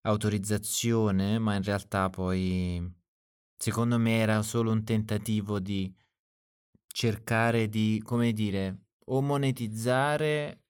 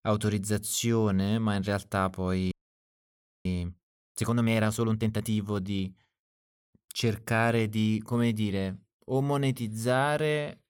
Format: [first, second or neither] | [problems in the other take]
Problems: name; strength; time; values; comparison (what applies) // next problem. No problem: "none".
first | audio freezing; at 2.5 s for 1 s